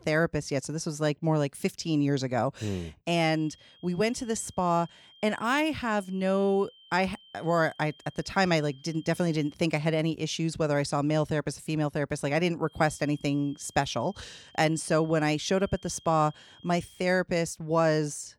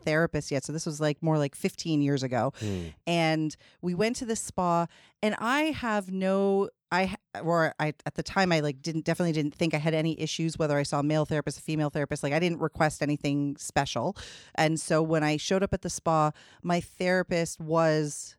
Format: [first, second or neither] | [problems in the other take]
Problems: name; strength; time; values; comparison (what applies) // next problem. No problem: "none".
second | high-pitched whine; faint; from 3 to 9.5 s and from 13 to 17 s; 3 kHz, 25 dB below the speech